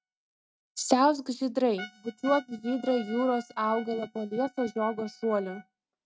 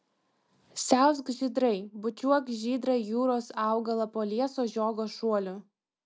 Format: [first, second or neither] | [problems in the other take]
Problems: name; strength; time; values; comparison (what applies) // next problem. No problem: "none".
second | noise reduction (neural mask model RNNoise)